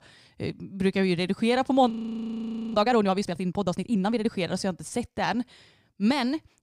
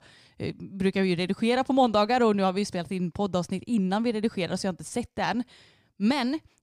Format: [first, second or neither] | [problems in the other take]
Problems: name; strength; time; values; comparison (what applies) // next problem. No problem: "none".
second | audio freezing; at 2 s for 1 s